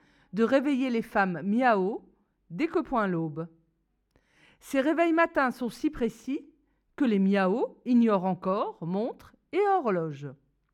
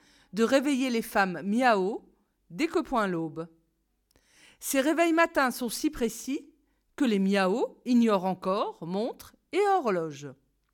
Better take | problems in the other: second | muffled; slightly; fading above 3.5 kHz

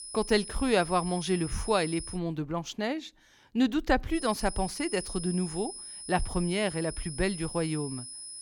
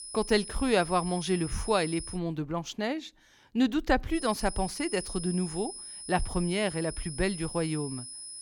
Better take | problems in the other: neither | high-pitched whine; loud; until 2 s and from 4 s on; 10 kHz, 10 dB below the speech; the same in both

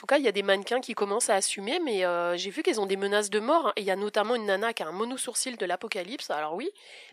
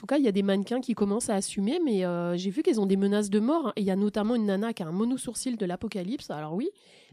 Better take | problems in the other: second | thin; very; fading below 600 Hz

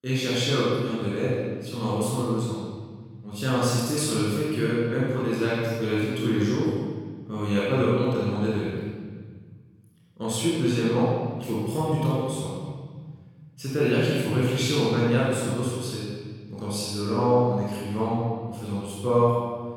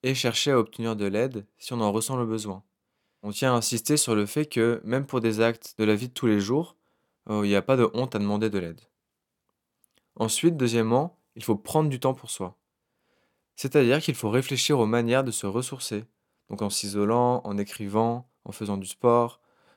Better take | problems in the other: second | off-mic speech; far // room echo; strong; dies away in 1.7 s

